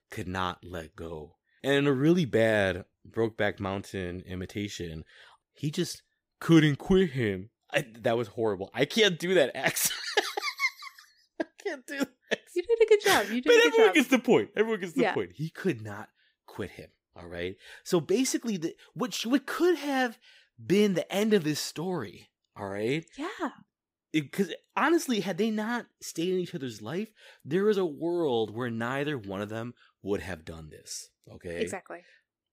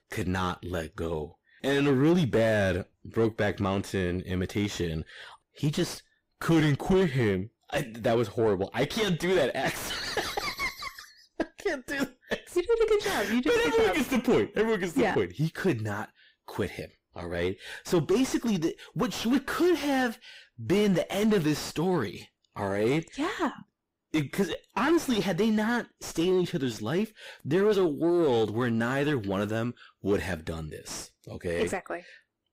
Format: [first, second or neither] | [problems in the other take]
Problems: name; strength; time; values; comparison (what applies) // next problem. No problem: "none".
first | distortion; heavy; 5 dB below the speech